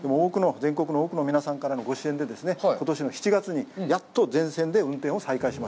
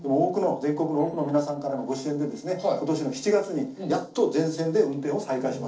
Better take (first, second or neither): first